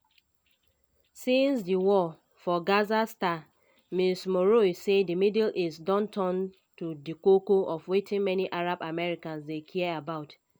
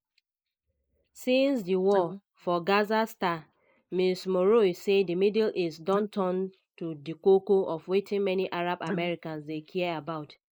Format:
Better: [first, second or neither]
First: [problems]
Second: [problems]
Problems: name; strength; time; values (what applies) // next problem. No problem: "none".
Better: first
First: none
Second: noise reduction (neural mask model Resemble Enhance denoiser)